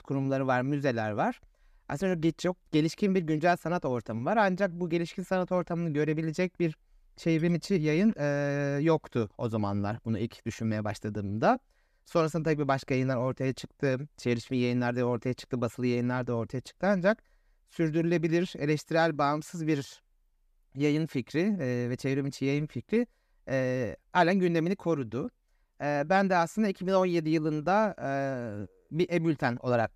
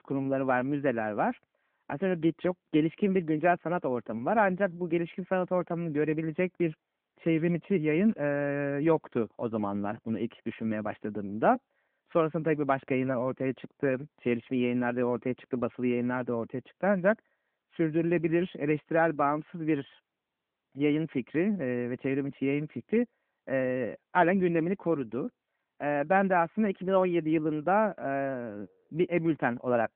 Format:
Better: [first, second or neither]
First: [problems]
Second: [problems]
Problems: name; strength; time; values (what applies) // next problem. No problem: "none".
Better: first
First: none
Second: phone-call audio